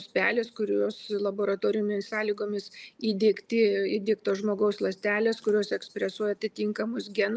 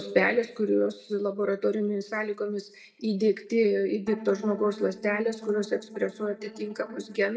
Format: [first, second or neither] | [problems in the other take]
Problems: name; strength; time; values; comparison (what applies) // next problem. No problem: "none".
first | noise reduction (neural mask model DeepFilterNet 3)